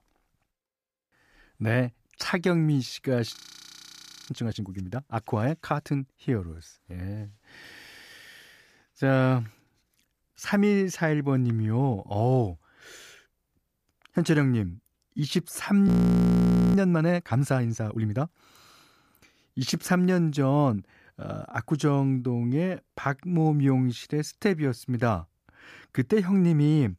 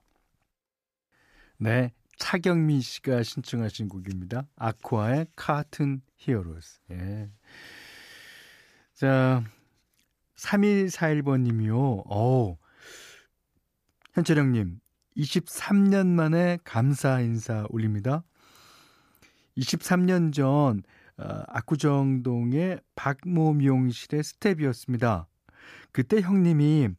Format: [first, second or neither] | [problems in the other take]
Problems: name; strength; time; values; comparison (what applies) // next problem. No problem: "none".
second | audio freezing; at 3.5 s for 1 s and at 16 s for 1 s